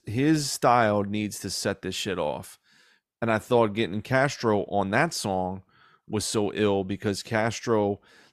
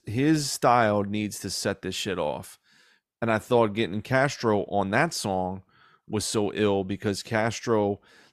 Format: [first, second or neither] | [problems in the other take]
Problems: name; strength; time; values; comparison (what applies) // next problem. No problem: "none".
neither | none